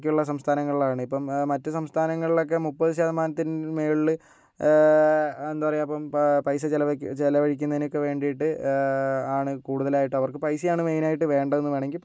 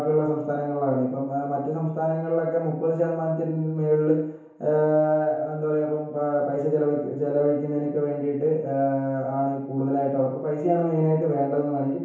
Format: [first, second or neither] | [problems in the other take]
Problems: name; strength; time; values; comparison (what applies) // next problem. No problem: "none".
first | room echo; dies away in 1 s